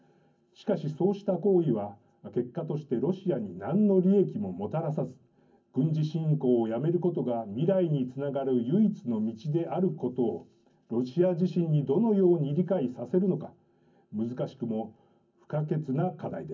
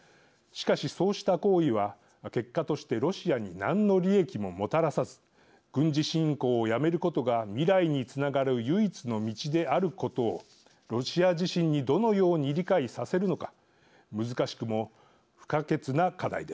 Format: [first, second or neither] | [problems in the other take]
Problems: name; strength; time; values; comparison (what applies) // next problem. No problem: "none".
second | room echo; dies away in 0.3 s